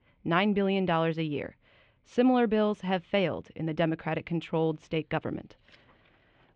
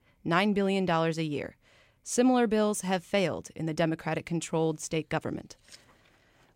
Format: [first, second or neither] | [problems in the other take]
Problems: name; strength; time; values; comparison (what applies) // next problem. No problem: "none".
second | muffled; very; fading above 3 kHz